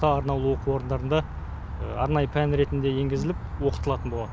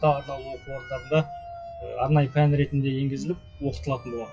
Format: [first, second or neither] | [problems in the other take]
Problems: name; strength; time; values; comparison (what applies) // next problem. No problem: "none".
first | noise reduction (classical method WPE with log-MMSE)